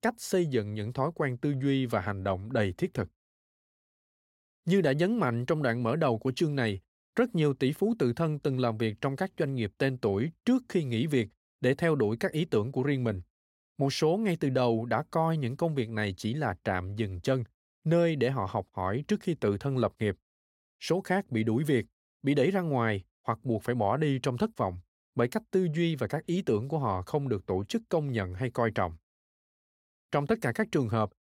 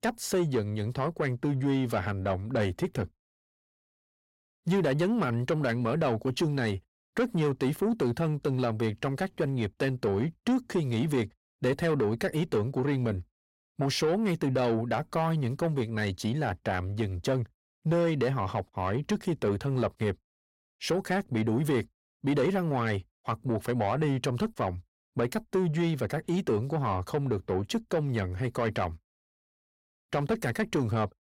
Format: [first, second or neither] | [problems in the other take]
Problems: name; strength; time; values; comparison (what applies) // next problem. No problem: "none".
first | distortion; slight; 10 dB below the speech